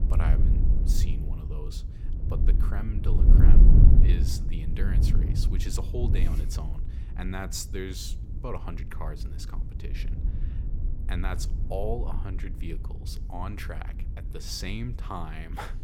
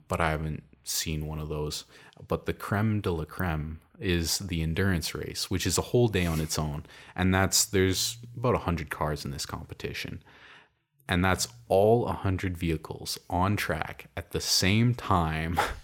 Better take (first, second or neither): second